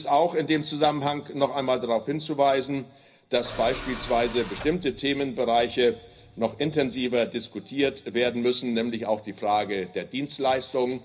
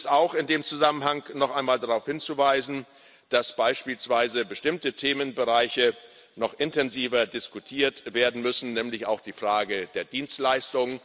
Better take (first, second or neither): second